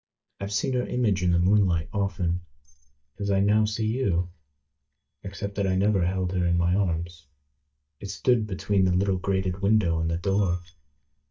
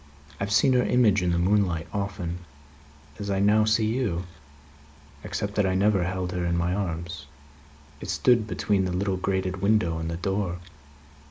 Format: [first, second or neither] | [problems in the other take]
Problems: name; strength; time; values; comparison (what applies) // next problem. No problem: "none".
second | noise reduction (neural mask model DeepFilterNet 3)